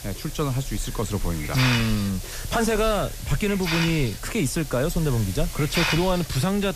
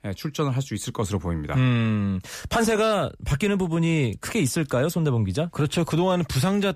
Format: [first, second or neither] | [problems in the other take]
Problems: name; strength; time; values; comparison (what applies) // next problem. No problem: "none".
second | hiss; loud; throughout; 5 dB below the speech